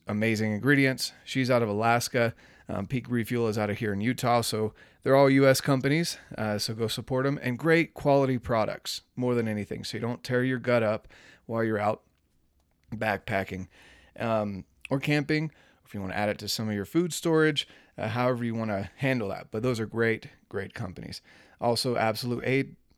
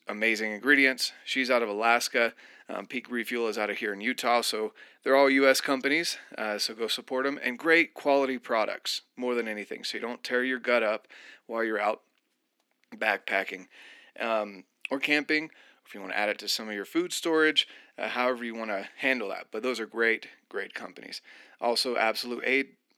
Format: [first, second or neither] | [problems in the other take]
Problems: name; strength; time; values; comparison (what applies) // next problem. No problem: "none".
first | thin; very slightly; fading below 250 Hz